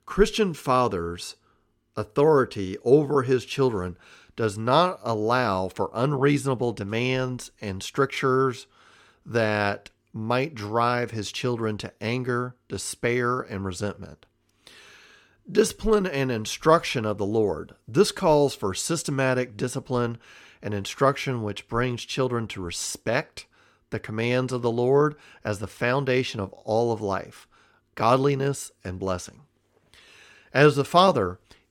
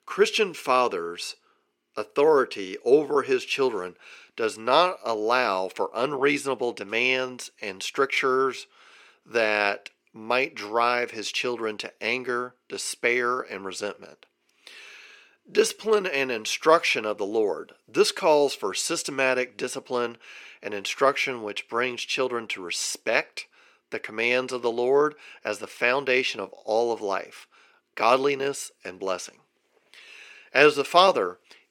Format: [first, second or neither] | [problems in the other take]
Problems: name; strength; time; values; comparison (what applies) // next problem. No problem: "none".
first | thin; somewhat; fading below 400 Hz